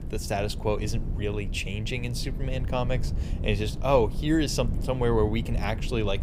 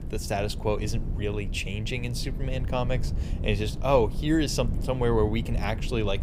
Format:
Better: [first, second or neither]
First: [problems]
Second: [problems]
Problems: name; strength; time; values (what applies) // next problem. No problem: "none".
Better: neither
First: low rumble; noticeable; throughout; 15 dB below the speech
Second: low rumble; noticeable; throughout; 15 dB below the speech